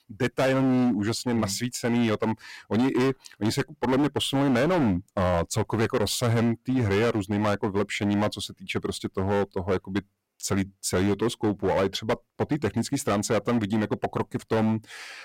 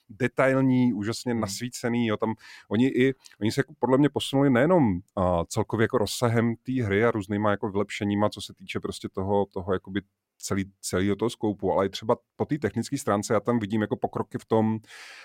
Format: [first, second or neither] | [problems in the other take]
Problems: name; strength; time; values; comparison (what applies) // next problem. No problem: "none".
second | distortion; heavy; 15% of the sound clipped